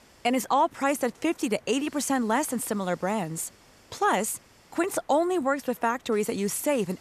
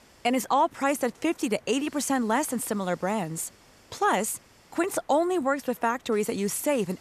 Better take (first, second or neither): neither